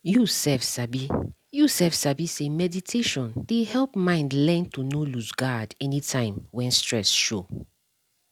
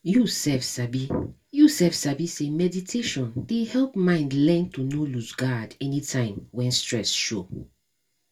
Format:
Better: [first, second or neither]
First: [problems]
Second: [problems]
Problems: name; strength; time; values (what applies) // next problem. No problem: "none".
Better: first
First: none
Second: room echo; dies away in 0.2 s